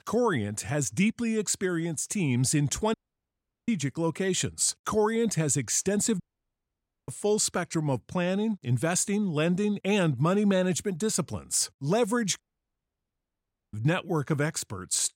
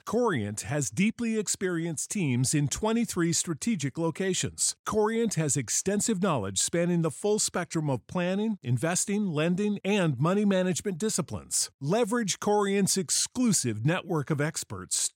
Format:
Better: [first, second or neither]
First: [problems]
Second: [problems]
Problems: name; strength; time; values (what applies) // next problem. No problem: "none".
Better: second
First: audio cutting out; at 3 s for 0.5 s, at 6 s for 1 s and at 12 s for 1.5 s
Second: none